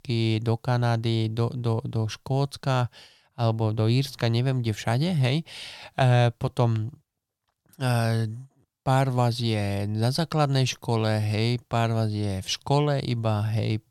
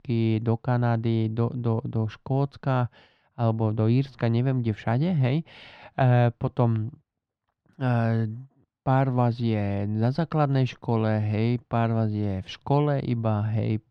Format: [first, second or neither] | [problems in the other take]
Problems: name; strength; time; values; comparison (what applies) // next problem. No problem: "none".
first | muffled; slightly; fading above 2 kHz